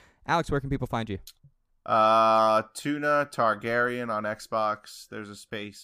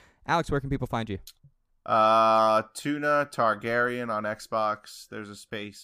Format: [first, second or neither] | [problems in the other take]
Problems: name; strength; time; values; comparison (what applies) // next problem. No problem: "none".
neither | none